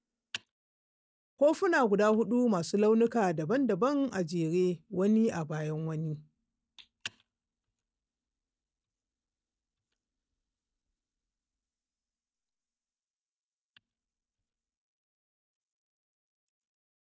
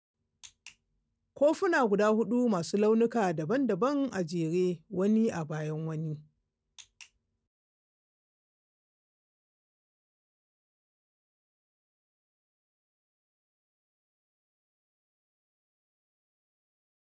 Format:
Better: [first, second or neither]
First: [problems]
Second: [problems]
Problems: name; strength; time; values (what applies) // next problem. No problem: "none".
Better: second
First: noise reduction (neural mask model DeepFilterNet 3)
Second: none